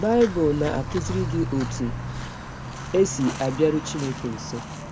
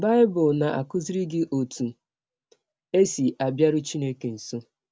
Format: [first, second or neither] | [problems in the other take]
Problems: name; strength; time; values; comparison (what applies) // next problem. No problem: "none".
second | background sound (Walk, footsteps + Walk, footsteps); 7 dB below the speech